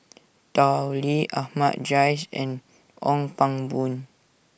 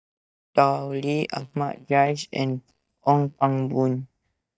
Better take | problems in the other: first | noise reduction (neural mask model DeepFilterNet 3)

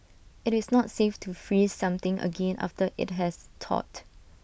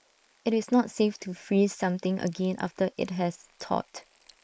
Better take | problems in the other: first | noise reduction (neural mask model Resemble Enhance denoiser)

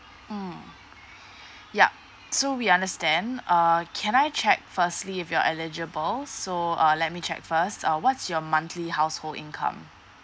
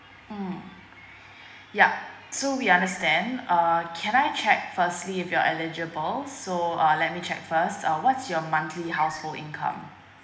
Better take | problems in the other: first | background sound (Meow); 18 dB below the speech // room echo; dies away in 1.1 s

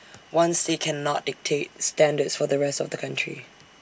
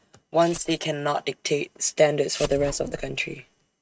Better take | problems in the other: first | noise reduction (neural mask model RNNoise)

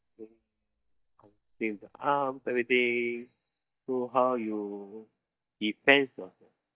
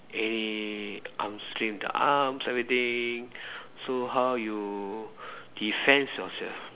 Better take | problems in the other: second | noise reduction (neural mask model DeepFilterNet 3)

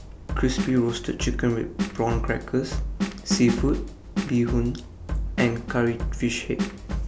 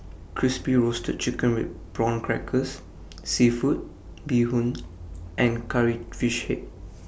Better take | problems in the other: second | background sound (Drum kit); 4 dB below the speech

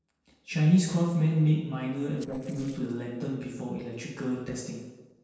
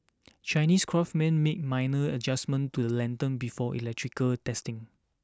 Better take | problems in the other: second | noise reduction (neural separator model SepFormer DNS4)

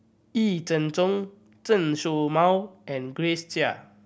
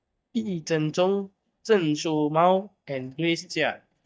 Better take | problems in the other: first | noise reduction (neural mask model DeepFilterNet 3)

